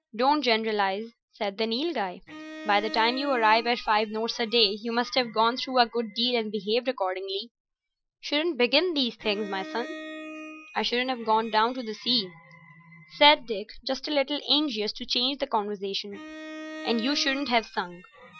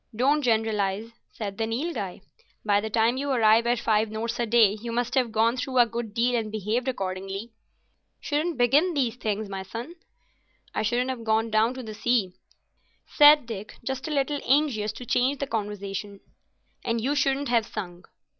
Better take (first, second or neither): second